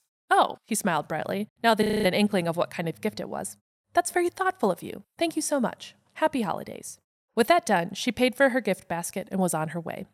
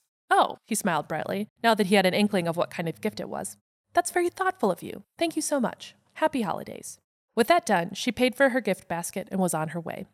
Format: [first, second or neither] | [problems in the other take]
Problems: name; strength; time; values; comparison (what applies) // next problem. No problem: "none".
second | audio freezing; at 2 s